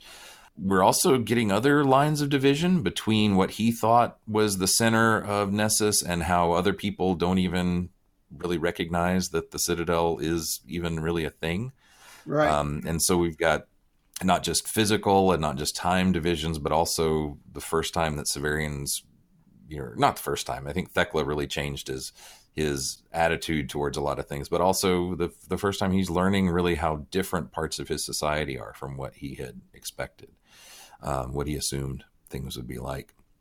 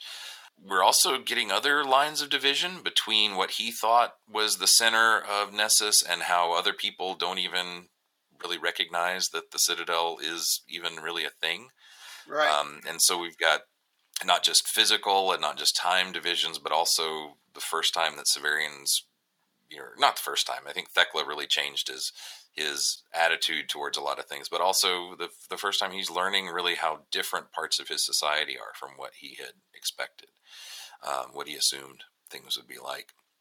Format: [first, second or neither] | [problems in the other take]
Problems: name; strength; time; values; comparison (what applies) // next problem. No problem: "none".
first | thin; very; fading below 750 Hz